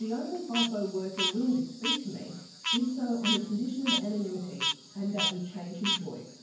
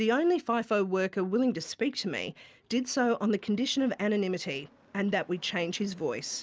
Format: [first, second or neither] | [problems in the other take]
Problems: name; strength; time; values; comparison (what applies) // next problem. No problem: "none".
second | background sound (Frog); 2 dB below the speech // room echo; dies away in 0.9 s